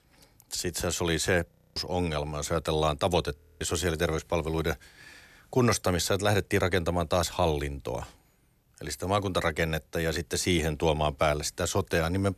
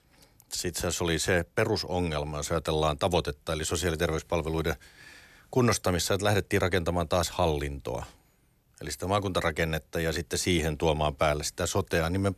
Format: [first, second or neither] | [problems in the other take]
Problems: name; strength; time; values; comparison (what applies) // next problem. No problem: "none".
second | audio freezing; at 1.5 s and at 3.5 s